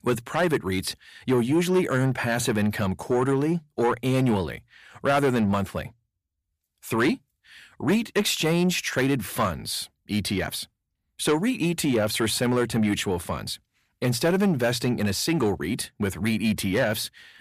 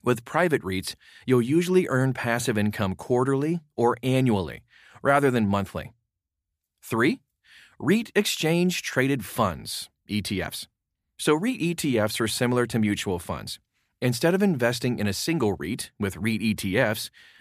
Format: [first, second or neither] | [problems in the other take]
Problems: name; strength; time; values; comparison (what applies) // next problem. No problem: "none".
second | distortion; slight; 10 dB below the speech